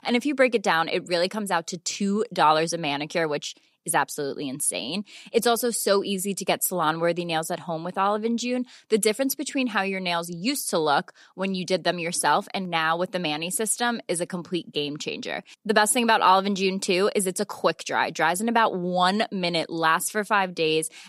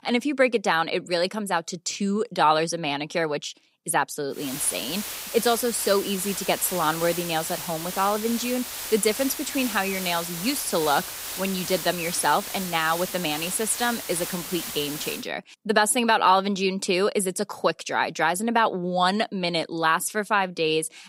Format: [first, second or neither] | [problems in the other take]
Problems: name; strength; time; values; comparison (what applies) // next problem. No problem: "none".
first | hiss; loud; from 4.5 to 15 s; 7 dB below the speech